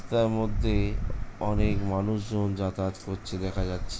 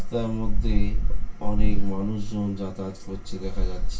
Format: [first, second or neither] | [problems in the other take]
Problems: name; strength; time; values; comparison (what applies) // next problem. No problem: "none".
first | room echo; dies away in 0.2 s